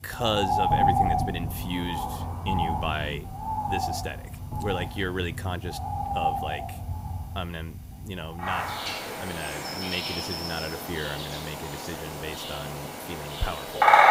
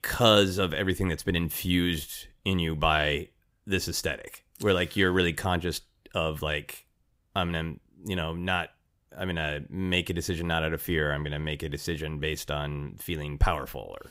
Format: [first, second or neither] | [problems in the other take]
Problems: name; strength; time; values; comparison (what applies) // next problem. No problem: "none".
second | animal sounds; very loud; throughout; 5 dB above the speech